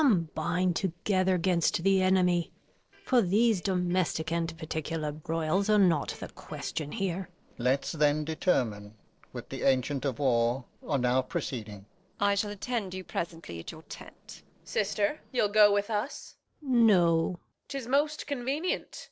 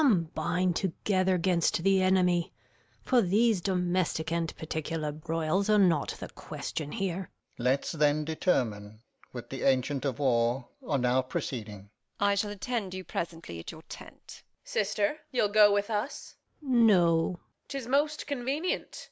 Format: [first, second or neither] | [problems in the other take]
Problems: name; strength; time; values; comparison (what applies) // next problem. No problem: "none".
second | noise reduction (neural separator model SepFormer DNS4)